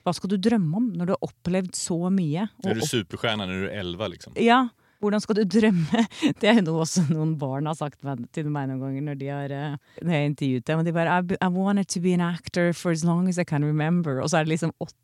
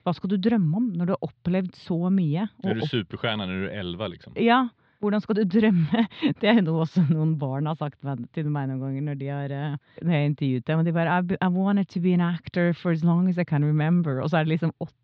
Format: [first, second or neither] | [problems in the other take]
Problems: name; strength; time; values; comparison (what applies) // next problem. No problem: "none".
first | muffled; slightly; fading above 4 kHz